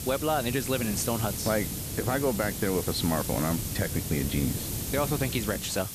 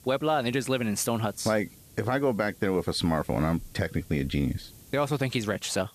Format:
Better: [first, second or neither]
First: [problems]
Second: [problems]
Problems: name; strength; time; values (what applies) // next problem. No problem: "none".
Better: second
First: hiss; loud; throughout; 3 dB below the speech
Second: hiss; faint; throughout; 25 dB below the speech